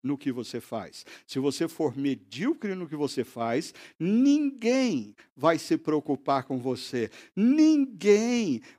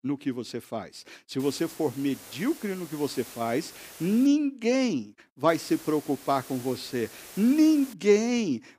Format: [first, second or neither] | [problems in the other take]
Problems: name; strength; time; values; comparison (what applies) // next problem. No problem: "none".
first | hiss; noticeable; from 1.5 to 4.5 s and from 5.5 to 8 s; 20 dB below the speech